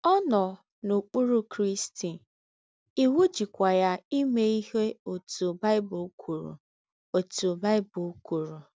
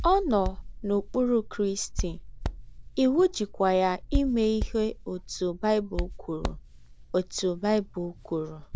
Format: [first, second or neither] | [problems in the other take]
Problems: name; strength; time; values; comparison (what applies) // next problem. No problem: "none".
first | background sound (Hands); 7 dB below the speech